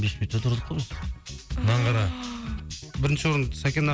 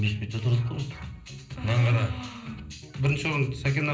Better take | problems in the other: first | room echo; dies away in 0.5 s

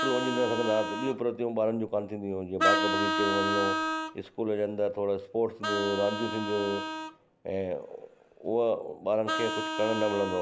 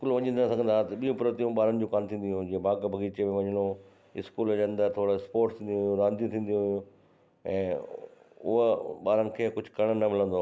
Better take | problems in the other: second | background sound (Vehicle horn, car horn, honking); 3 dB below the speech

